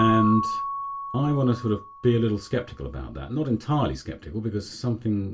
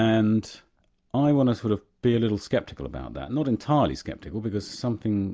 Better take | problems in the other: second | background sound (Keyboard (musical) / Bell); 8 dB below the speech // room echo; dies away in 0.2 s

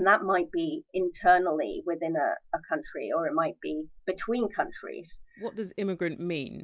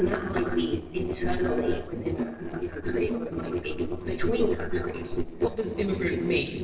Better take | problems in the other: first | noise reduction (neural separator model SepFormer DNS4)

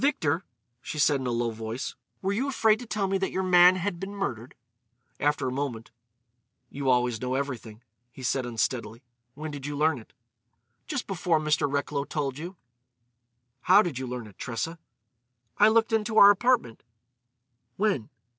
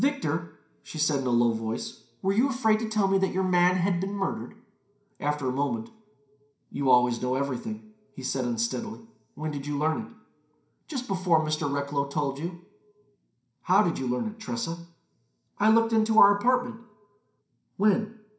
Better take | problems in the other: first | room echo; dies away in 0.5 s

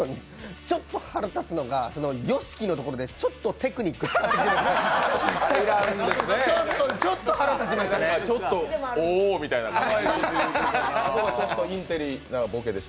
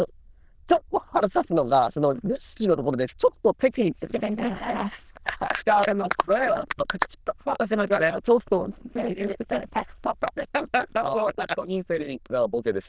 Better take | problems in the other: first | noise reduction (neural diffusion model UNIVERSE++)

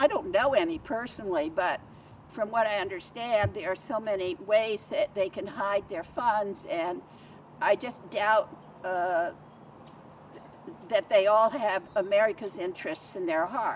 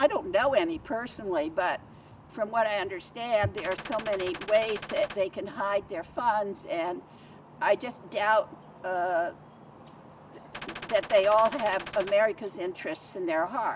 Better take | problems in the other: first | background sound (Gunshot, gunfire); 12 dB below the speech

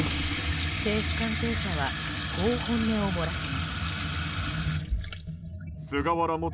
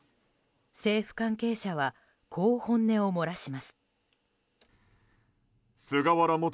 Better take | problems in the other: second | background sound (Sink (filling or washing) / Water tap, faucet); 2 dB above the speech

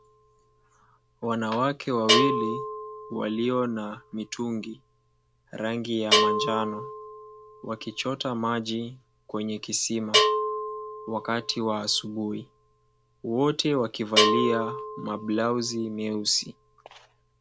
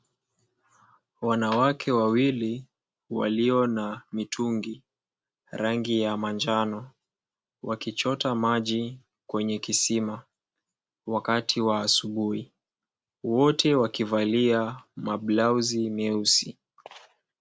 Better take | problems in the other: second | background sound (Bell); 1 dB below the speech

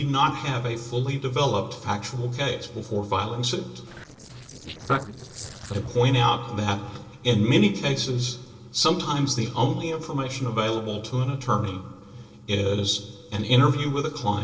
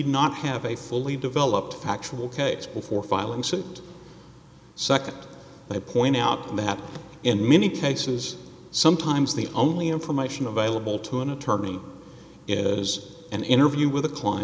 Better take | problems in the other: second | noise reduction (neural separator model SepFormer DNS4)

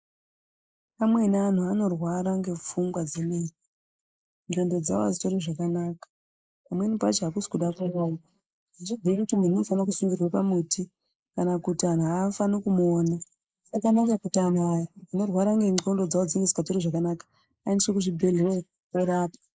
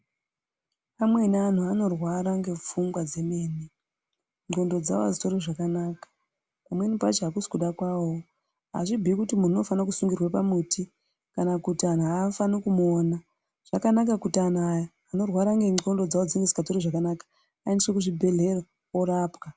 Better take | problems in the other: second | noise reduction (neural mask model Resemble Enhance denoiser)

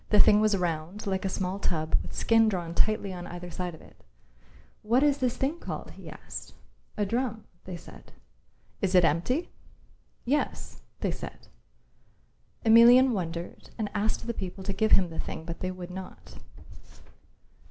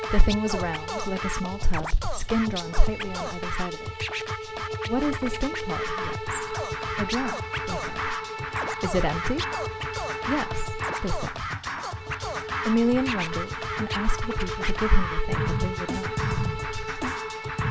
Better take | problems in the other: first | background sound (Bowed string instrument + Scratching (performance technique)); 4 dB below the speech

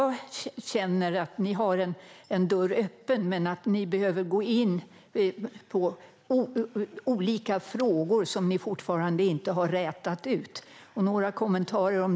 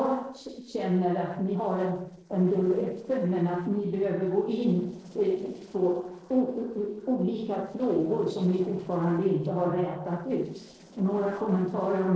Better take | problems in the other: first | noise reduction (neural separator model SepFormer DNS4)

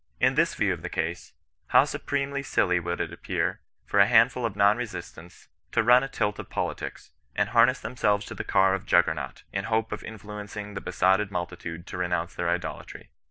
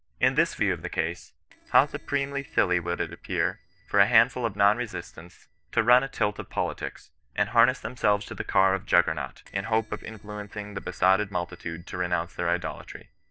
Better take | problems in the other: first | noise reduction (neural separator model SepFormer DNS4)

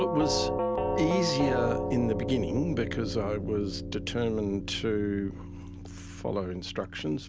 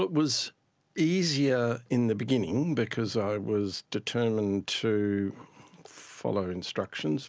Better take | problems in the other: second | background sound (Doorbell); 2 dB below the speech

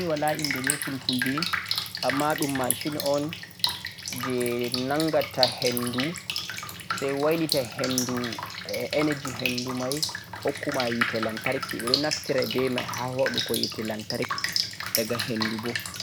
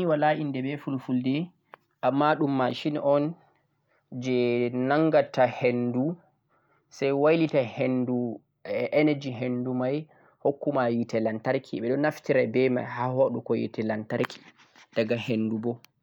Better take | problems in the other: second | background sound (Drip); 2 dB below the speech

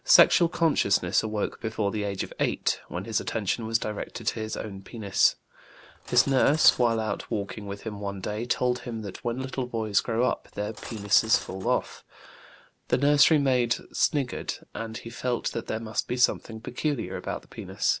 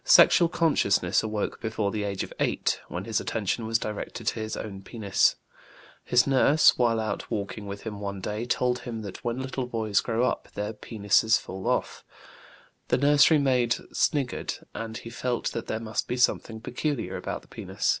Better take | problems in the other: second | background sound (Cutlery, silverware); 16 dB below the speech

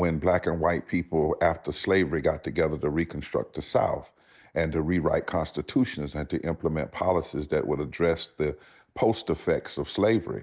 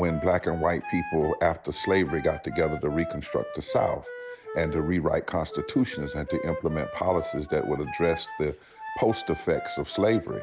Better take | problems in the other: first | background sound (Wind instrument, woodwind instrument); 10 dB below the speech

